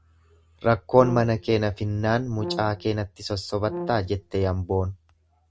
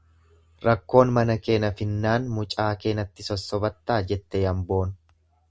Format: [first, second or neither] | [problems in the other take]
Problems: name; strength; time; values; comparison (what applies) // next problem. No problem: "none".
second | background sound (Brass instrument); 12 dB below the speech